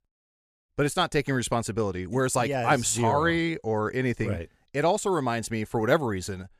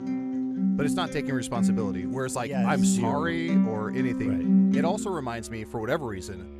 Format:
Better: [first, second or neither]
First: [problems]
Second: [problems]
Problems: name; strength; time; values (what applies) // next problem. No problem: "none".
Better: first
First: none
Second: background music; very loud; throughout; 4 dB above the speech